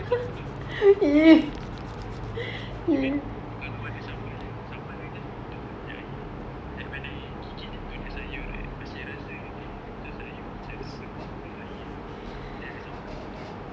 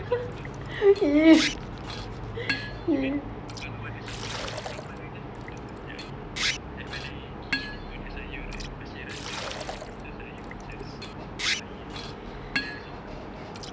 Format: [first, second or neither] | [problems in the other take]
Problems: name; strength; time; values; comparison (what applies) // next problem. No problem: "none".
first | background sound (Liquid); 8 dB below the speech